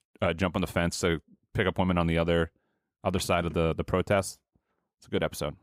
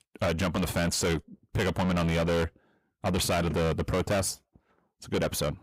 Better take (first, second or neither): first